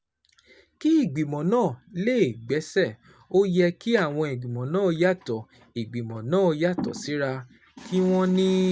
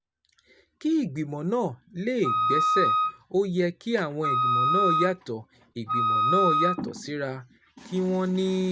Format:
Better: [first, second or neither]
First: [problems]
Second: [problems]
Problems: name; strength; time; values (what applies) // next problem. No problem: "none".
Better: first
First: none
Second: background sound (Wind instrument, woodwind instrument); 4 dB above the speech